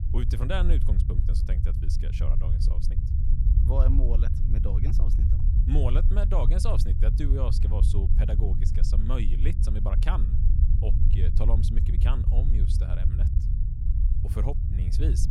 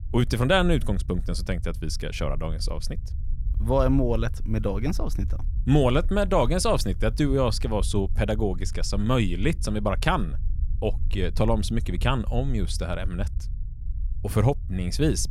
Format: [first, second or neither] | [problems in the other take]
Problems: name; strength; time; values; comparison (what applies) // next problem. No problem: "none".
second | low rumble; loud; throughout; 4 dB below the speech; faint in the second